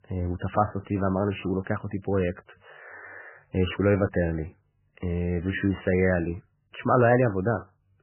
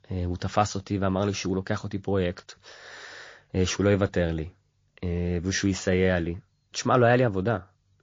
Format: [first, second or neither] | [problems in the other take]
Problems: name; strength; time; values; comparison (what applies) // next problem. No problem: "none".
second | garbled, watery; badly; nothing above 3 kHz; slightly in the second